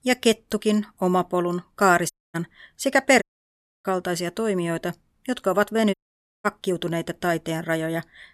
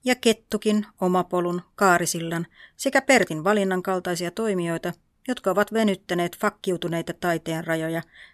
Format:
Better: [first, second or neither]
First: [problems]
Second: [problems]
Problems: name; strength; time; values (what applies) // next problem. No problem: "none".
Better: second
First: audio cutting out; at 2 s, at 3 s for 0.5 s and at 6 s for 0.5 s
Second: none